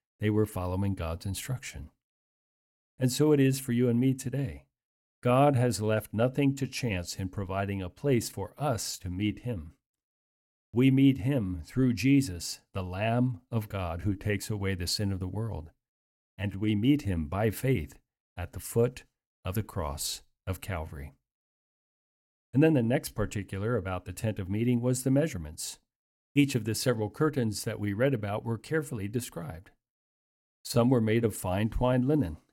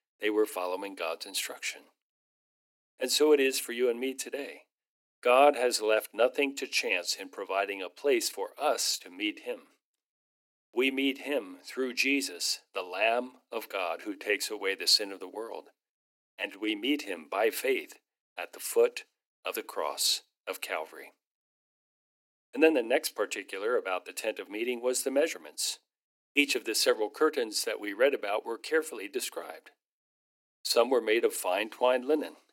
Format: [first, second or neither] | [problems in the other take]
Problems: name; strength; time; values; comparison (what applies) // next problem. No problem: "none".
first | thin; very; fading below 350 Hz